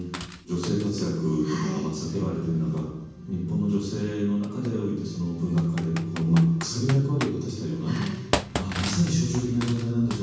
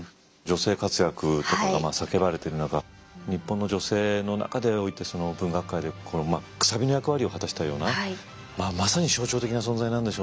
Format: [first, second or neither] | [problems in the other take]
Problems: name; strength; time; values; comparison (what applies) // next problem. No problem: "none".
second | background sound (Computer keyboard); 12 dB below the speech // room echo; dies away in 1.2 s